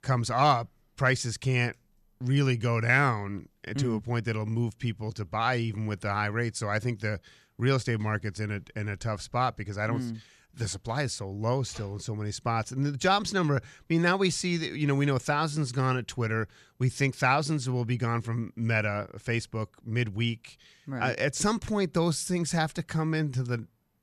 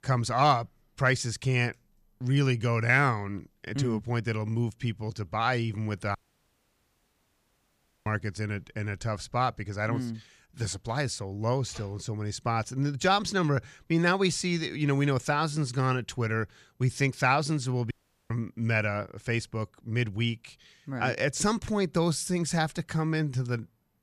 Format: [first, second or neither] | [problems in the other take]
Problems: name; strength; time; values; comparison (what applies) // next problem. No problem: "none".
first | audio cutting out; at 6 s for 2 s and at 18 s